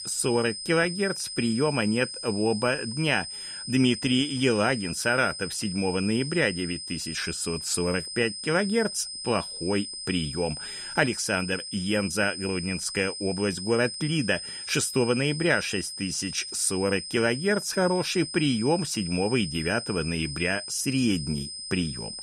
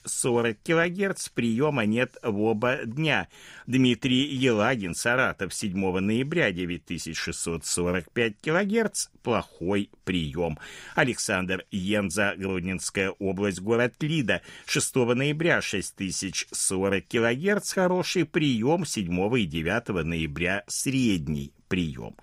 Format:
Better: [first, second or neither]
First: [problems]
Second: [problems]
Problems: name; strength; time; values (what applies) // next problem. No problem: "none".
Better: second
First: high-pitched whine; loud; throughout; 5 kHz, 8 dB below the speech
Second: none